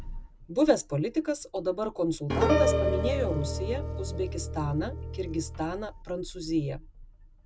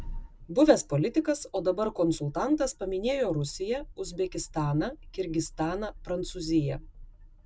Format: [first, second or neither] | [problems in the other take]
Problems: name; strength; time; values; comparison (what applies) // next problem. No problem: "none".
second | background sound (Piano); 1 dB above the speech